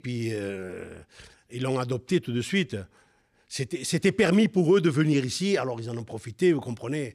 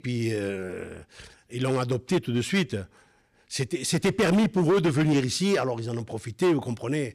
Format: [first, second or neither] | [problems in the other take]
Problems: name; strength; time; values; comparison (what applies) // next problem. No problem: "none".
first | distortion; slight; 7% of the sound clipped